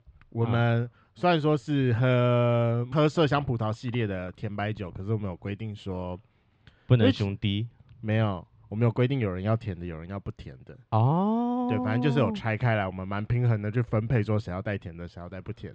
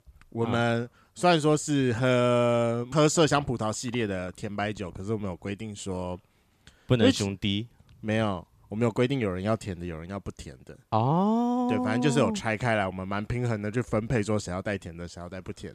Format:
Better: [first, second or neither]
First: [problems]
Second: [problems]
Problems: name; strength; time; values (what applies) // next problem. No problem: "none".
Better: second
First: muffled; slightly; fading above 3.5 kHz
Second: none